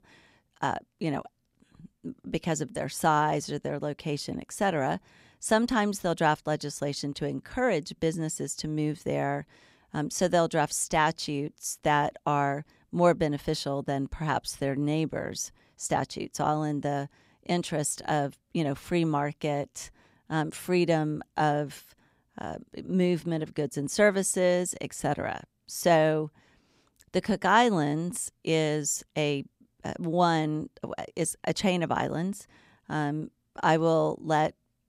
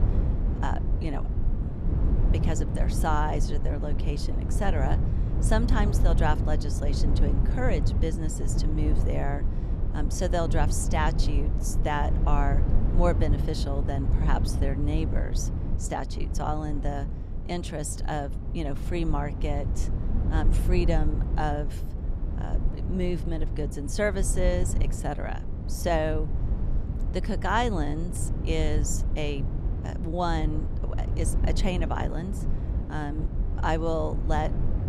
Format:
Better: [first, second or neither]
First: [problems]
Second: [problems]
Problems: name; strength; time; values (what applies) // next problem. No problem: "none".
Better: first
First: none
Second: low rumble; loud; throughout; 9 dB below the speech